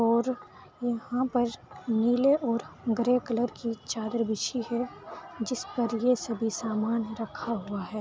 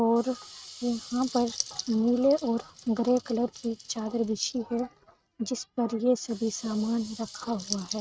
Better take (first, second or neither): first